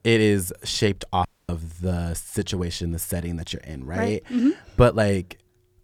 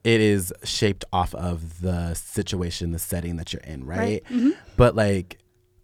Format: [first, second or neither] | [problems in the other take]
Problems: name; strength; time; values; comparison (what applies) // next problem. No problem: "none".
second | audio cutting out; at 1.5 s